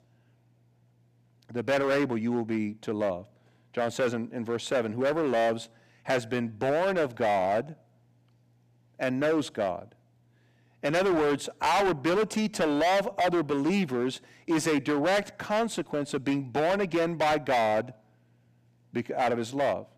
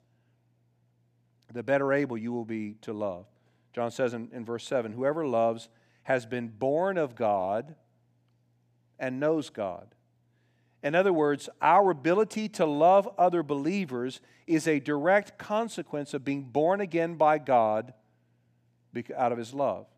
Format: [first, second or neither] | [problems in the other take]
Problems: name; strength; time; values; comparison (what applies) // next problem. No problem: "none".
second | distortion; heavy; 14% of the sound clipped